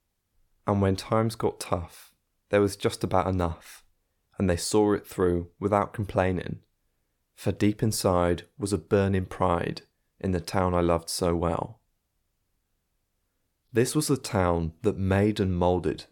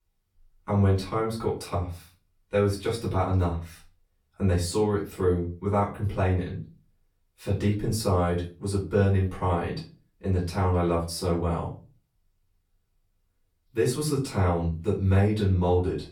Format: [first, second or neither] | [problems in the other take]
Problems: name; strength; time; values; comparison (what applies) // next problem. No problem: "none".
first | off-mic speech; far // room echo; slight; dies away in 0.3 s